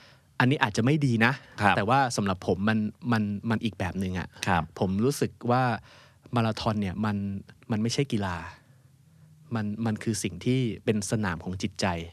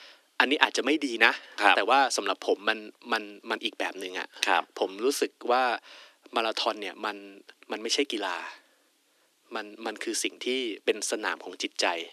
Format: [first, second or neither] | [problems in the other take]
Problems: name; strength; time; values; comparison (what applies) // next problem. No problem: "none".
first | thin; very; fading below 300 Hz